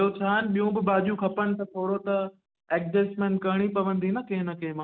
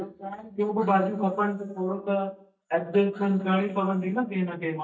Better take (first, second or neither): first